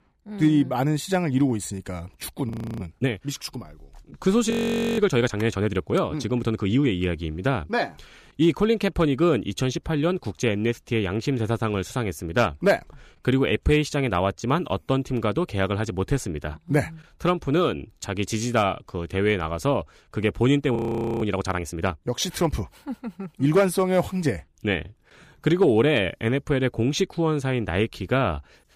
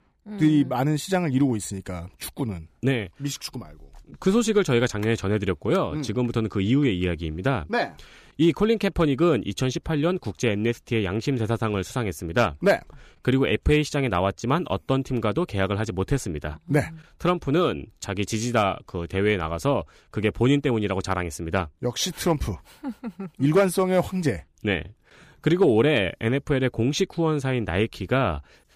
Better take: second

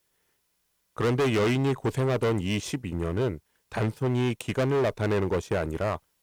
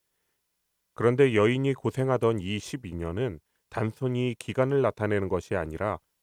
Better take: second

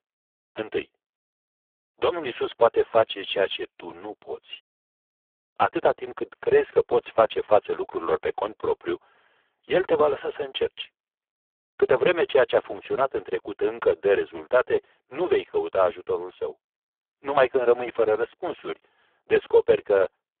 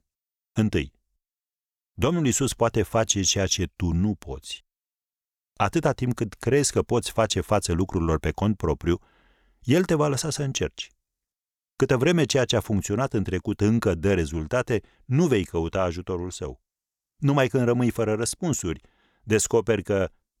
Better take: second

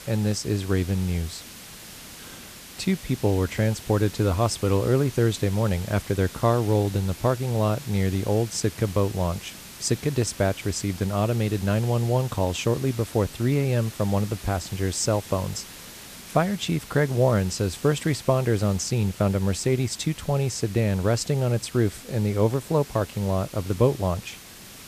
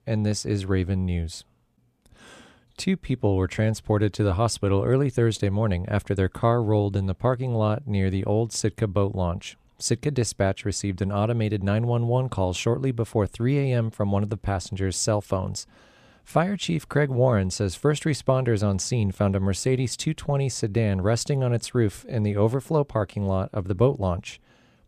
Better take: second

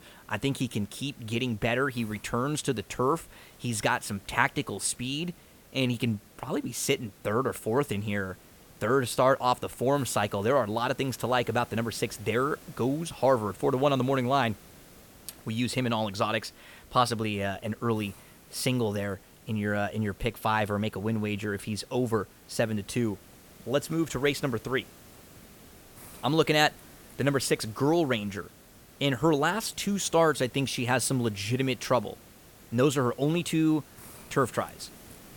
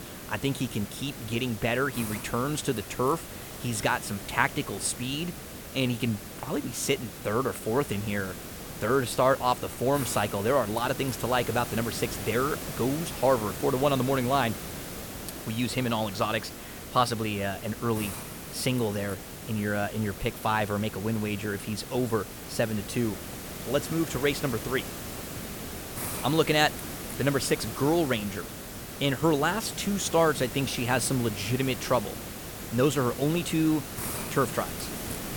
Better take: first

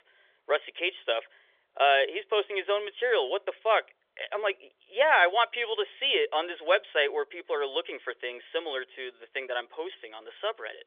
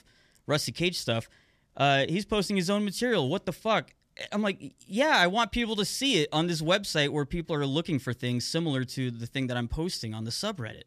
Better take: second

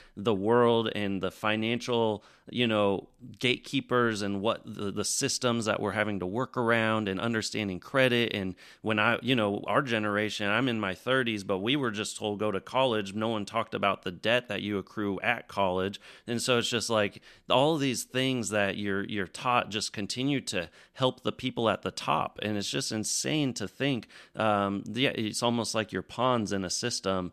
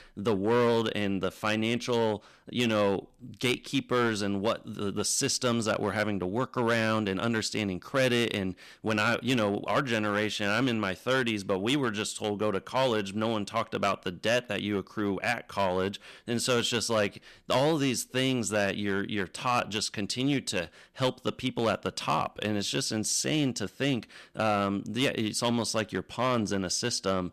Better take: first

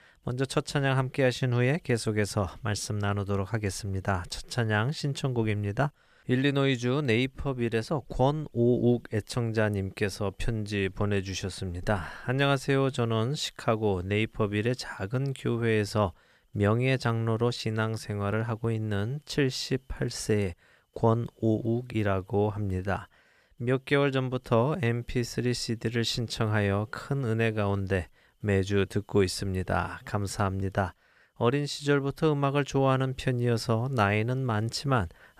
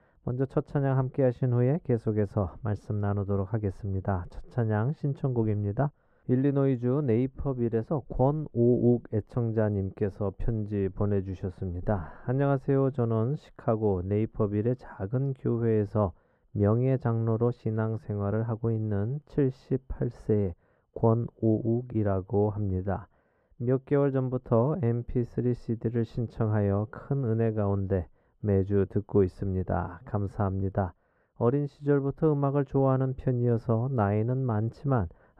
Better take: first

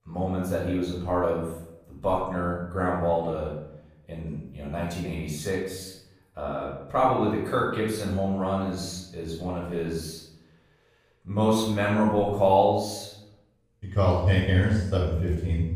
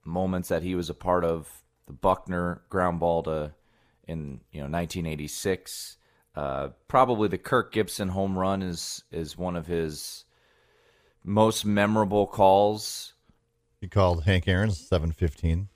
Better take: second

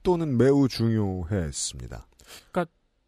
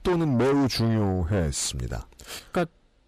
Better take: first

